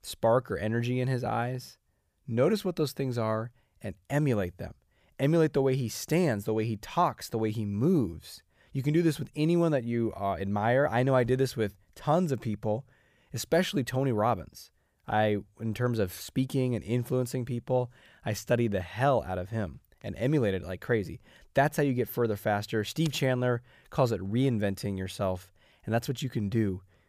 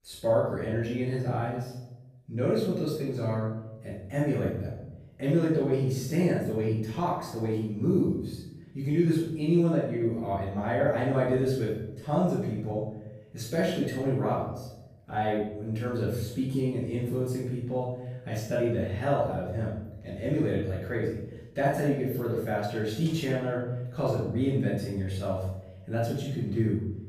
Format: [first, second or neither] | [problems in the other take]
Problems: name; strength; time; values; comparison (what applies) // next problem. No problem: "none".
first | off-mic speech; far // room echo; noticeable; dies away in 0.8 s